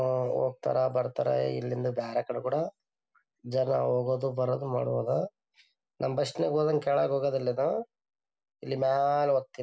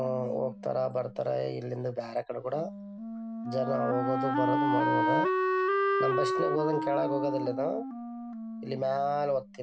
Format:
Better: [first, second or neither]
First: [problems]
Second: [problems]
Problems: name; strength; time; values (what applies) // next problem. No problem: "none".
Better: first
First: none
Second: background sound (Wind instrument, woodwind instrument); as loud as the speech